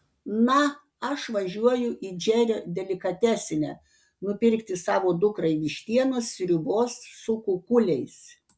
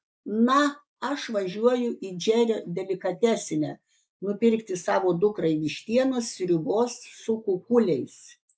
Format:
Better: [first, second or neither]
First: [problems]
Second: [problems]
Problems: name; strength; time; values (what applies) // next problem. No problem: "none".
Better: first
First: none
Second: noise reduction (neural mask model Resemble Enhance denoiser)